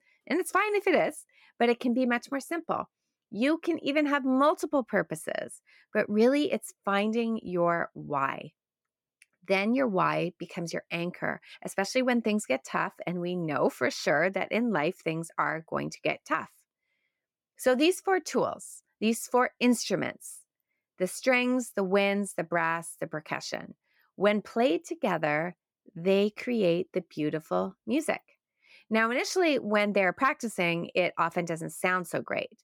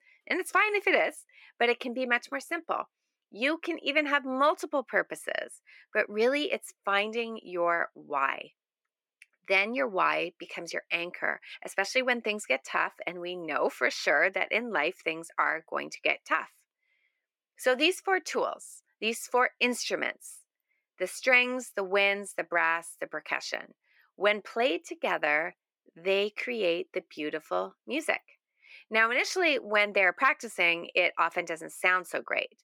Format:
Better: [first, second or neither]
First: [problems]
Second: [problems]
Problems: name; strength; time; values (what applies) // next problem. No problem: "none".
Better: first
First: none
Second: thin; somewhat; fading below 400 Hz